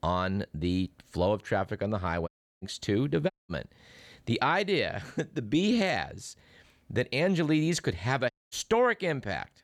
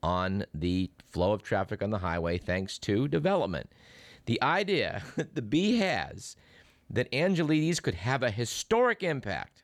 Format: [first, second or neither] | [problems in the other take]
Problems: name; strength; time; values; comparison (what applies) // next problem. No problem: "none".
second | audio cutting out; at 2.5 s, at 3.5 s and at 8.5 s